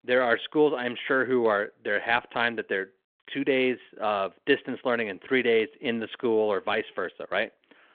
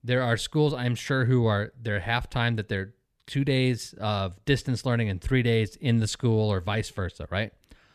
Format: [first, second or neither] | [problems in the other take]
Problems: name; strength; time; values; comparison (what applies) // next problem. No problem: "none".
second | phone-call audio